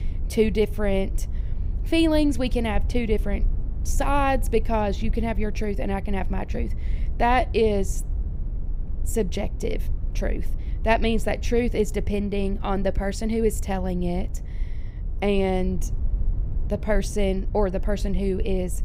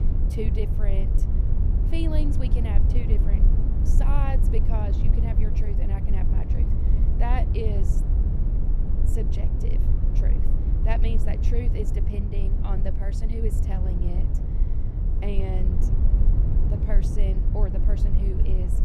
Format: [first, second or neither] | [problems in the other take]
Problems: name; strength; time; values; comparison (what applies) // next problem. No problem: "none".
first | low rumble; loud; throughout; 3 dB below the speech; faint in the first